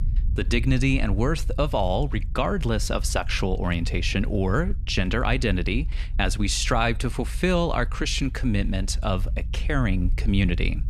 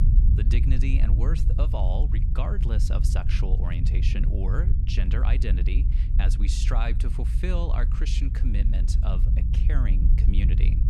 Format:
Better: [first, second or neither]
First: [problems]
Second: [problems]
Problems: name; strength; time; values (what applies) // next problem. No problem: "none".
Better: first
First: low rumble; faint; throughout; 25 dB below the speech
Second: low rumble; loud; throughout; 5 dB below the speech